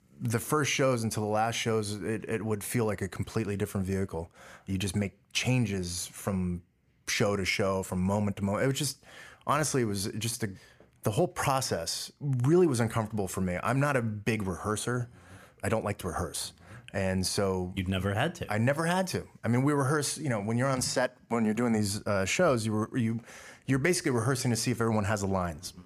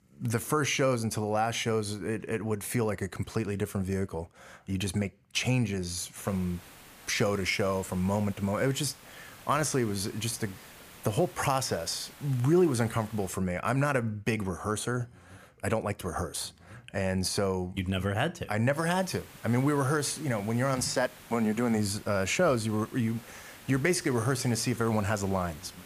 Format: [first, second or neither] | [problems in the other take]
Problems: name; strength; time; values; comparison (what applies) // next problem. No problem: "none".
first | hiss; noticeable; from 6 to 13 s and from 19 s on; 20 dB below the speech